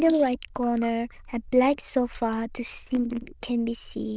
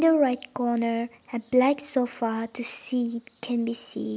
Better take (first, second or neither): second